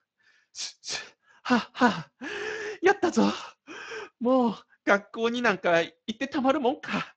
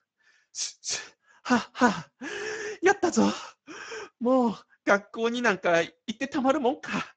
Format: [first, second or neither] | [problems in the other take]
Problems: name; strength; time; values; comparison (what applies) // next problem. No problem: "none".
first | garbled, watery; badly; nothing above 7.5 kHz; slightly in the first